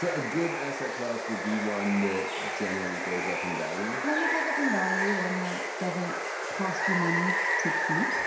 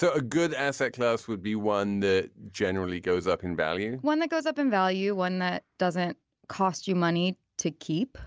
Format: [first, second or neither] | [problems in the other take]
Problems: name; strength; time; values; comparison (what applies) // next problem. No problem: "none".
second | background sound (Water); 2 dB above the speech // room echo; dies away in 0.7 s